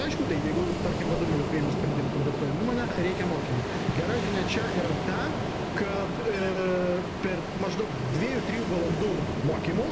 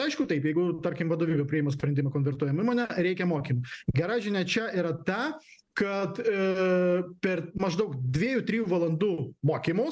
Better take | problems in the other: second | background sound (Ocean); as loud as the speech

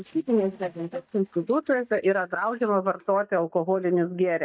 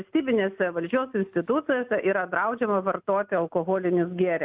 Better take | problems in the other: second | noise reduction (neural mask model DeepFilterNet 3)

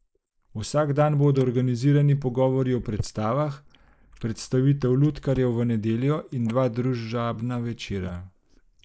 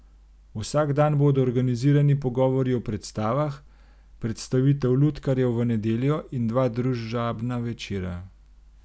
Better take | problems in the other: second | noise reduction (neural mask model Resemble Enhance denoiser)

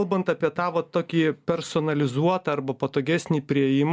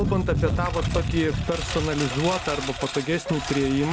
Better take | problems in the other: first | background sound (Engine); 3 dB below the speech

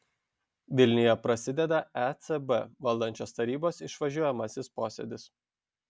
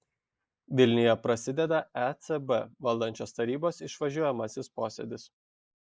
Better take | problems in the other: first | noise reduction (neural mask model Resemble Enhance denoiser)

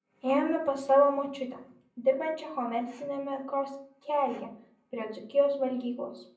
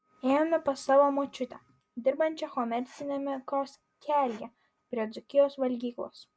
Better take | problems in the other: second | room echo; dies away in 0.6 s

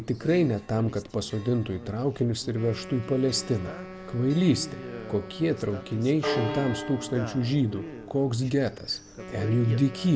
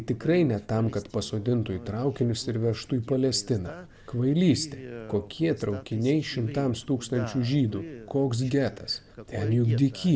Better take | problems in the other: second | background sound (Wind instrument, woodwind instrument + Church bell); 13 dB below the speech

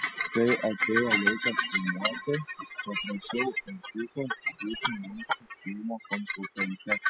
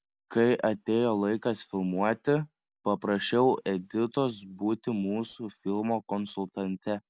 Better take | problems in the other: second | noise reduction (classical method spectral subtraction)

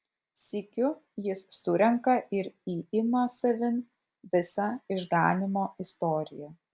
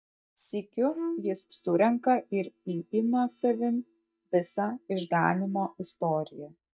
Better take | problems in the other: first | noise reduction (neural mask model DeepFilterNet 3)

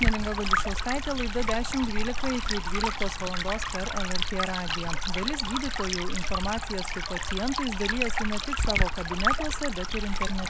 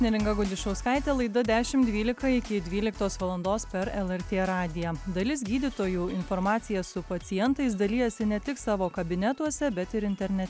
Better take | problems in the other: second | background sound (Stream); 4 dB above the speech

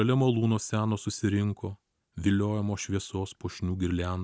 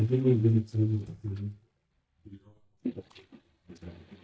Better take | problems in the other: first | noise reduction (neural mask model DeepFilterNet 3)

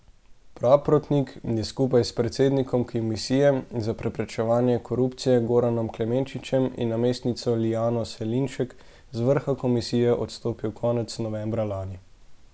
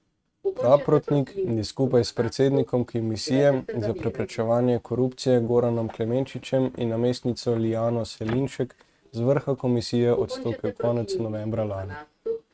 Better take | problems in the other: first | noise reduction (neural mask model RNNoise)

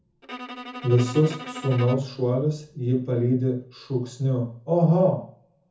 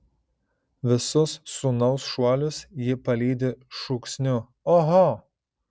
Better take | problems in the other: second | background sound (Bowed string instrument); 14 dB below the speech // room echo; dies away in 0.5 s

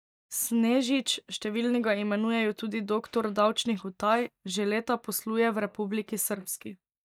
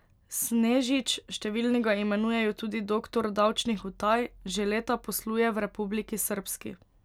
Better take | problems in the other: second | noise reduction (neural mask model DeepFilterNet 3)

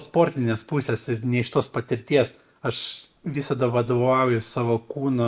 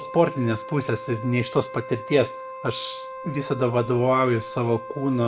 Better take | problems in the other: first | background sound (Wind instrument, woodwind instrument); 12 dB below the speech

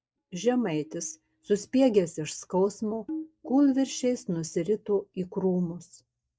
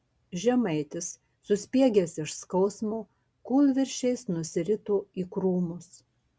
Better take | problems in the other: second | noise reduction (neural mask model DeepFilterNet 3)

